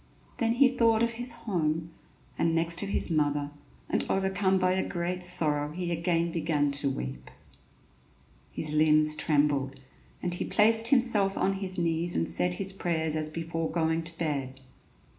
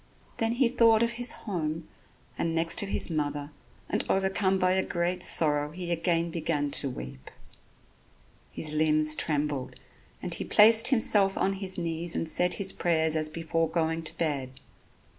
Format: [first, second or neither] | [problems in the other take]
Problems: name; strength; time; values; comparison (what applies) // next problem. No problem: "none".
second | room echo; dies away in 0.4 s